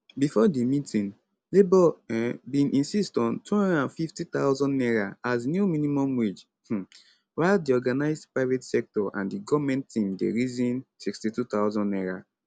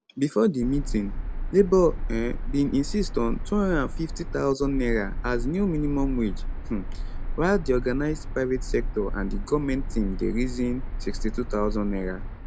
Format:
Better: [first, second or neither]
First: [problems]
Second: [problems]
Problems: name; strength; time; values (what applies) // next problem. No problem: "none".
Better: first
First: none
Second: background sound (Car); 3 dB below the speech